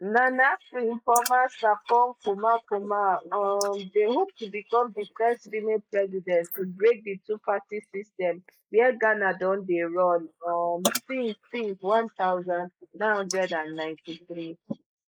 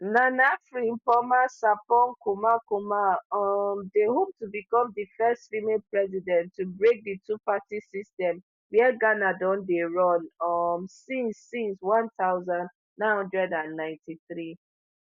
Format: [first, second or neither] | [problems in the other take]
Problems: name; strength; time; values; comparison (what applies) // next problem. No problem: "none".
second | noise reduction (neural mask model Resemble Enhance denoiser)